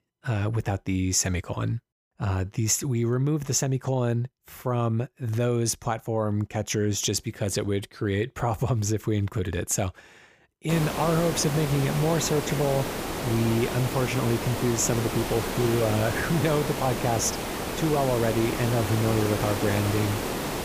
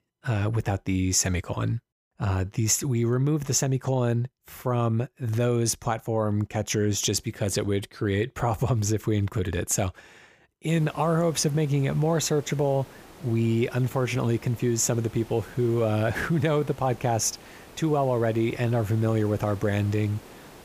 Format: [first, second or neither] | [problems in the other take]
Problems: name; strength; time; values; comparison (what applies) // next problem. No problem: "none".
second | hiss; loud; from 11 s on; 4 dB below the speech; faint in the second